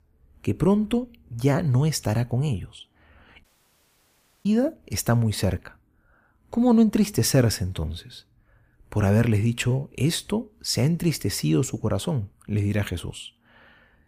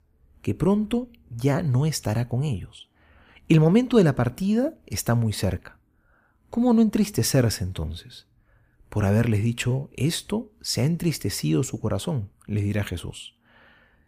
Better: second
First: audio cutting out; at 3.5 s for 1 s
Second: none

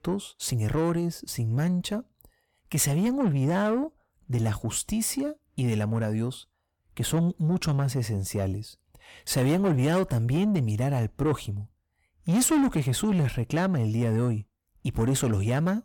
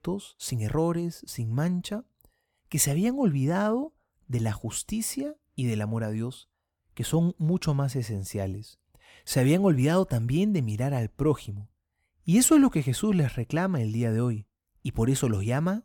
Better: second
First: distortion; slight; 10 dB below the speech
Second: none

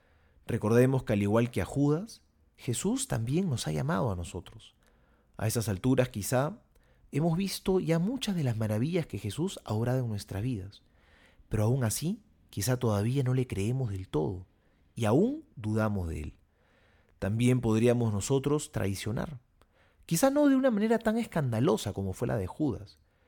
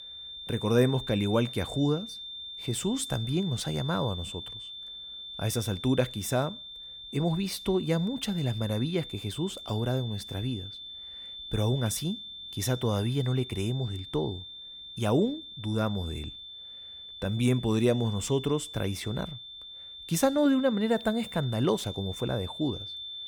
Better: first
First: none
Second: high-pitched whine; noticeable; throughout; 3.5 kHz, 10 dB below the speech

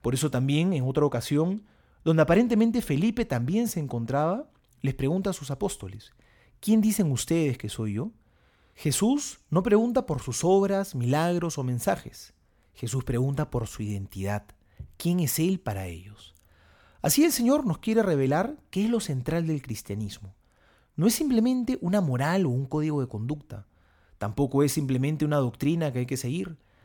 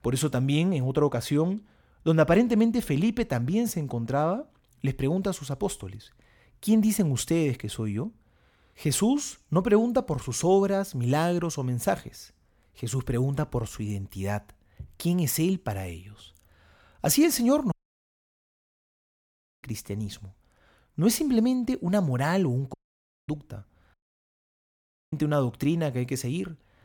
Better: first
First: none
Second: audio cutting out; at 18 s for 2 s, at 23 s for 0.5 s and at 24 s for 1 s

